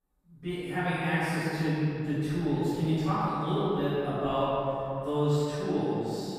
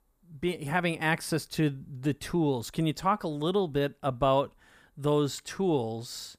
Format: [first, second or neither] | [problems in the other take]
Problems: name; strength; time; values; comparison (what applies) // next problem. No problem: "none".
second | off-mic speech; far // room echo; strong; dies away in 2.5 s